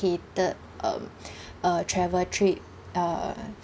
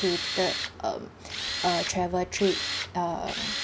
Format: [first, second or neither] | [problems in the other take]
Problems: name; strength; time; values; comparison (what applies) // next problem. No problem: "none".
first | background sound (Tools); 4 dB below the speech